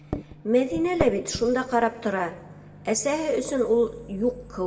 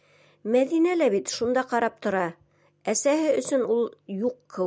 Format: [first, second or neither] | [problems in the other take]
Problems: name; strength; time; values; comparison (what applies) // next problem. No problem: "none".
second | background sound (Microwave oven); 12 dB below the speech // room echo; dies away in 1.3 s